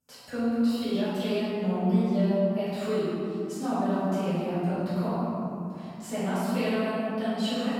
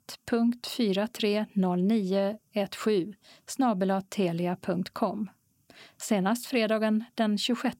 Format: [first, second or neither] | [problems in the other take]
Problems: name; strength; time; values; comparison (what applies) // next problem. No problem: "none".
second | room echo; strong; dies away in 3 s // off-mic speech; far